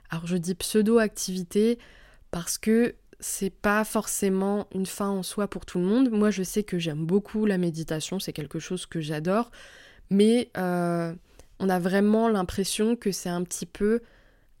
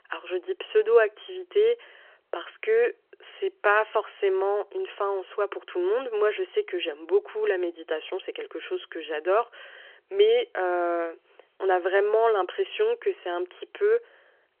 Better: first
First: none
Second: phone-call audio; nothing above 3 kHz

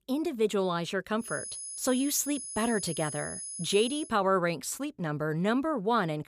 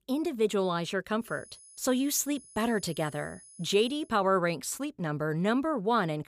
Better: second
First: high-pitched whine; loud; from 1.5 to 4 s; 10 kHz, 7 dB below the speech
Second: high-pitched whine; faint; from 1.5 to 4 s; 10 kHz, 20 dB below the speech

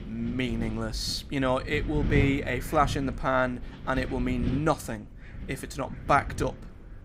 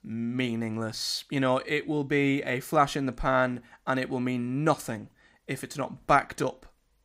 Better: second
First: wind noise on the microphone; occasional gusts; 15 dB below the speech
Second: none

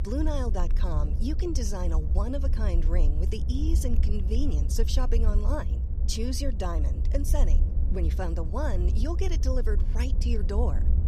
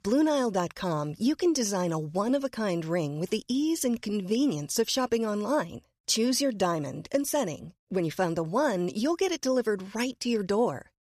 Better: second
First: low rumble; loud; throughout; 10 dB below the speech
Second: none

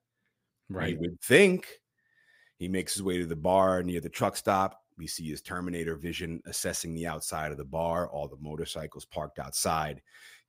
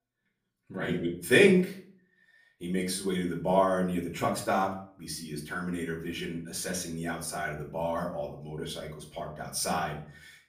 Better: first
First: none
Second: off-mic speech; far // room echo; slight; dies away in 0.4 s

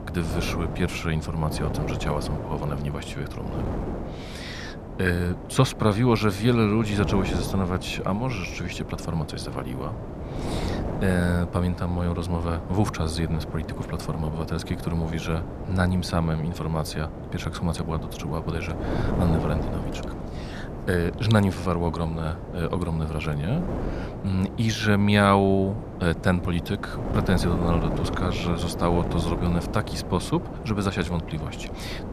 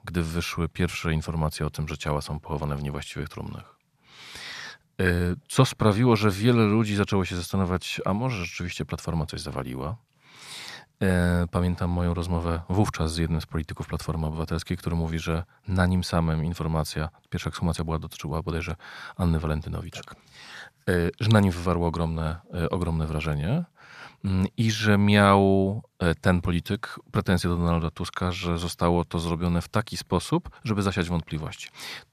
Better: second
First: wind noise on the microphone; heavy; 8 dB below the speech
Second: none

